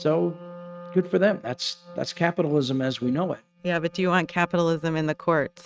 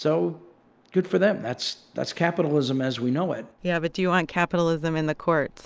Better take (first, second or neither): second